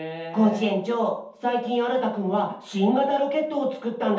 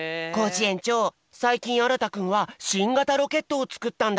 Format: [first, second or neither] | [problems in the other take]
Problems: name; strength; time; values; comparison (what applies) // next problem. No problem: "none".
second | room echo; dies away in 0.6 s